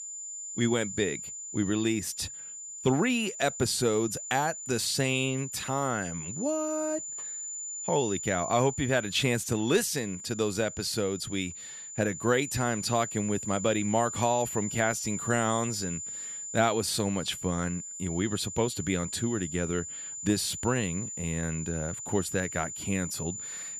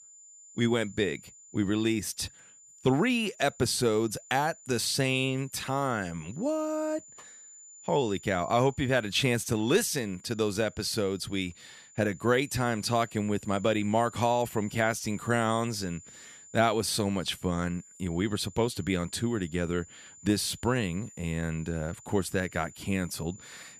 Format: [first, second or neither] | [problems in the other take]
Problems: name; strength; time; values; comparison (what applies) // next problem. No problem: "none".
second | high-pitched whine; loud; throughout; 7 kHz, 7 dB below the speech; faint in the second